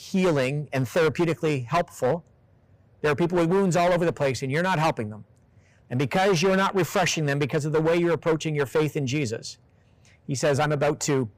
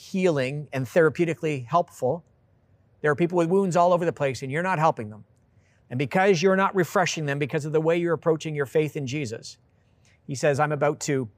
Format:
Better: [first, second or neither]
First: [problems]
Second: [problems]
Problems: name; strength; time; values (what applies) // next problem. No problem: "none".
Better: second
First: distortion; heavy; 13% of the sound clipped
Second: none